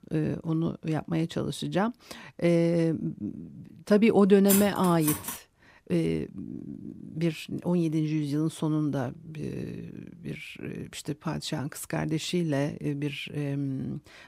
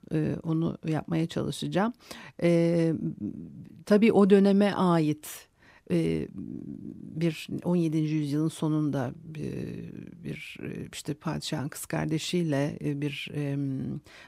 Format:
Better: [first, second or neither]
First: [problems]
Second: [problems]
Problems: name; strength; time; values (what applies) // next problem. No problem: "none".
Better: second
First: clattering dishes; loud; at 4.5 s; peak level with the speech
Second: none